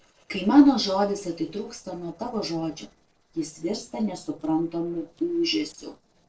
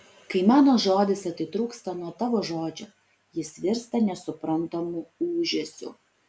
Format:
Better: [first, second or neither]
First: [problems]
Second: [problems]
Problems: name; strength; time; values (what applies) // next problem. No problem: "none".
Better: second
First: noise reduction (neural separator model SepFormer DNS4)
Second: none